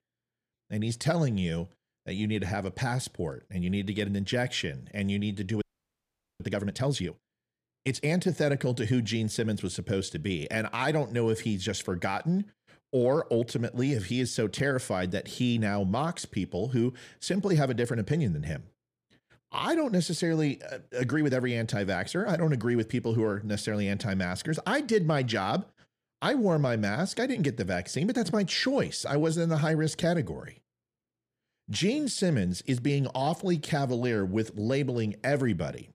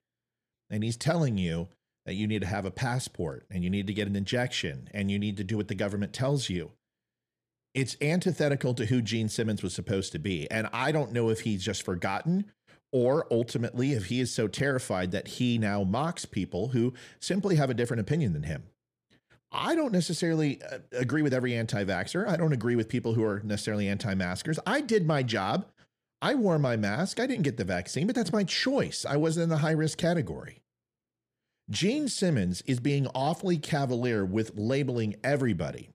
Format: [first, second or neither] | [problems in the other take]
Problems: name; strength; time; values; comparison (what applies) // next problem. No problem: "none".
second | audio freezing; at 5.5 s for 1 s